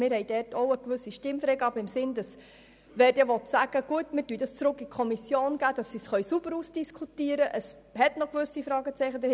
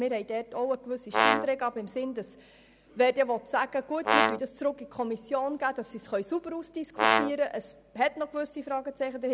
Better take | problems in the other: first | background sound (Brass instrument); 4 dB above the speech

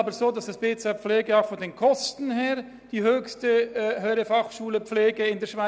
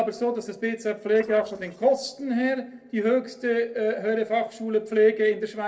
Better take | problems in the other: first | noise reduction (neural separator model SepFormer DNS4)

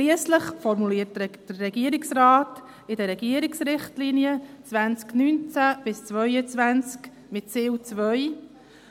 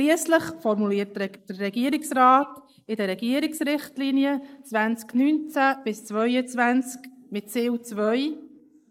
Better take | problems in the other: first | noise reduction (neural mask model Resemble Enhance denoiser)

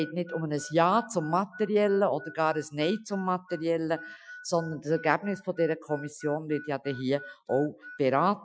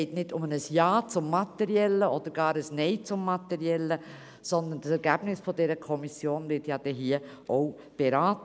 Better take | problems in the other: second | noise reduction (classical method Wiener filter)

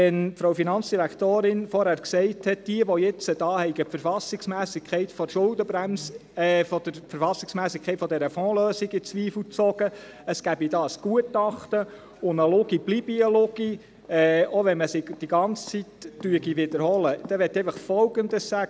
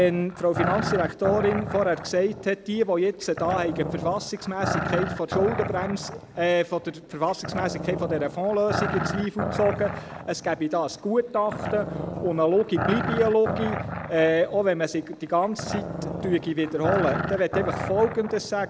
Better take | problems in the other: first | background sound (Growling); 6 dB below the speech

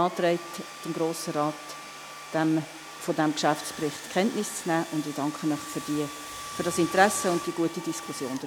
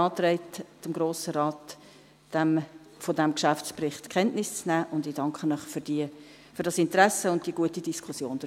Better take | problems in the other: second | background sound (Domestic sounds, home sounds); 12 dB below the speech

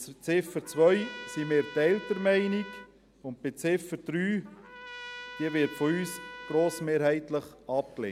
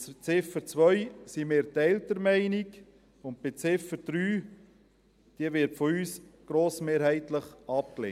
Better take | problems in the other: second | background sound (Trumpet); 16 dB below the speech

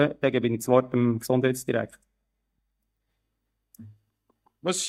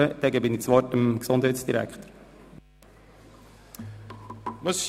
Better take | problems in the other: second | noise reduction (neural mask model DeepFilterNet 3)

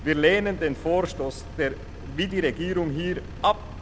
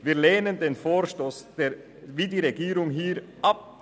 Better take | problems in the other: second | background sound (Engine); 12 dB below the speech

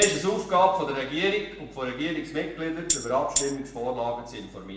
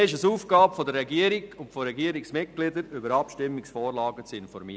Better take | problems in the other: second | background sound (Tambourine); 1 dB below the speech // room echo; dies away in 0.7 s

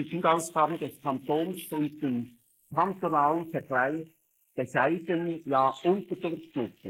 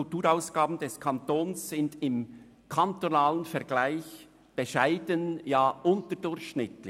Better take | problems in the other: second | noise reduction (neural mask model Resemble Enhance denoiser)

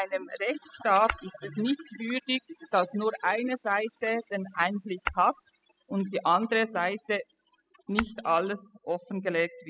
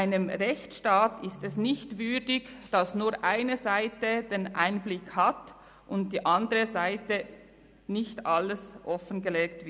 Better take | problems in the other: second | noise reduction (classical method spectral subtraction)

